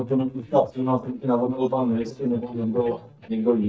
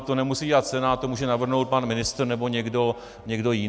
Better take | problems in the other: second | noise reduction (neural mask model DeepFilterNet 3)

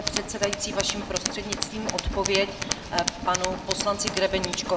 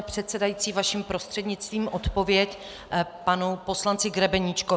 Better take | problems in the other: second | background sound (Tools); 3 dB below the speech // room echo; dies away in 1 s

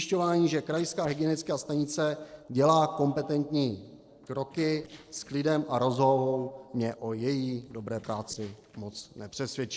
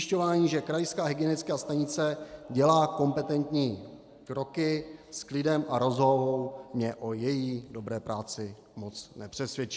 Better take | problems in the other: second | noise reduction (neural separator model SepFormer DNS4)

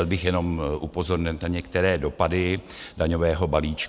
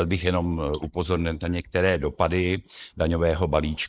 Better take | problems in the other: first | noise reduction (neural mask model Resemble Enhance denoiser)

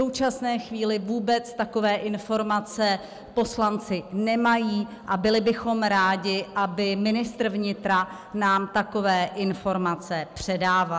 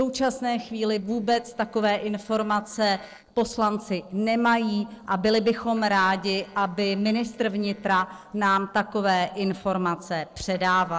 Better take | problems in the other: first | noise reduction (neural separator model SepFormer DNS4)

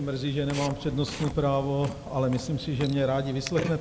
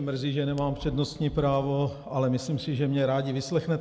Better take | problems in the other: second | noise reduction (neural mask model Resemble Enhance denoiser)

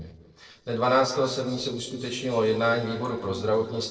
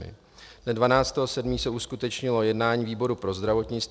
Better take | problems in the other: second | noise reduction (neural separator model SepFormer DNS4)

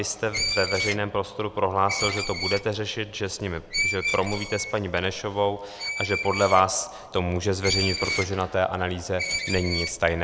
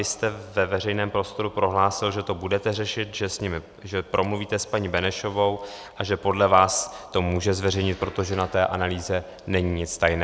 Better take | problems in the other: second | background sound (Screech); 6 dB below the speech

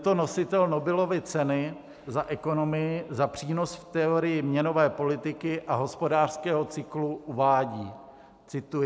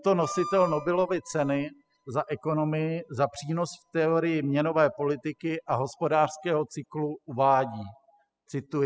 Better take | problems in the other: first | noise reduction (classical method spectral subtraction)

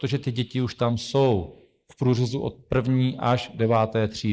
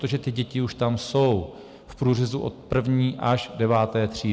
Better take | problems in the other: second | noise reduction (neural mask model Resemble Enhance denoiser)

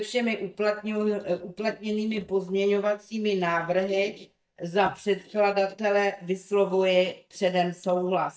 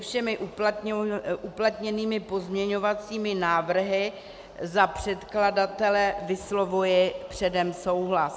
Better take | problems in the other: second | noise reduction (neural mask model DeepFilterNet 3)

